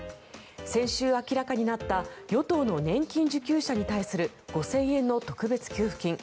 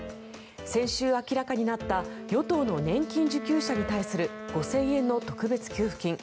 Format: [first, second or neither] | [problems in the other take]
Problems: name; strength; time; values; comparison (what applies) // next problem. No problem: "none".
first | background sound (Wind instrument, woodwind instrument); 12 dB below the speech